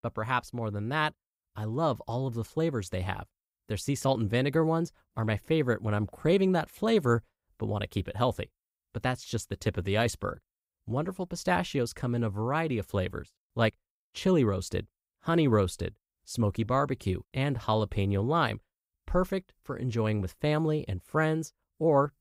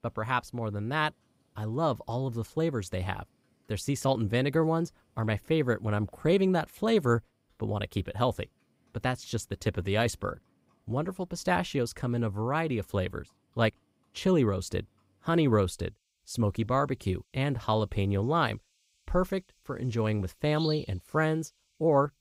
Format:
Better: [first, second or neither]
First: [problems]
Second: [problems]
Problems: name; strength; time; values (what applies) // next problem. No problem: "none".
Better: first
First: none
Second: animal sounds; noticeable; throughout; 15 dB below the speech